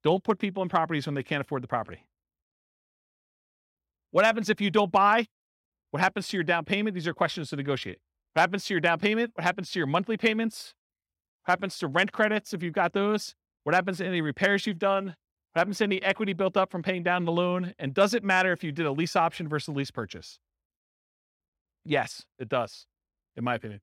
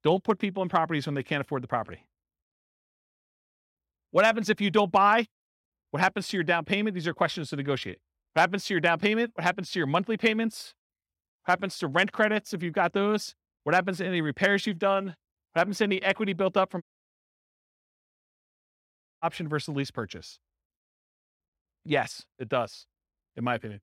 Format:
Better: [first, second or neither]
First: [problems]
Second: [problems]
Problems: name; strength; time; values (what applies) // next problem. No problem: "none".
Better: first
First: none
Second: audio cutting out; at 17 s for 2.5 s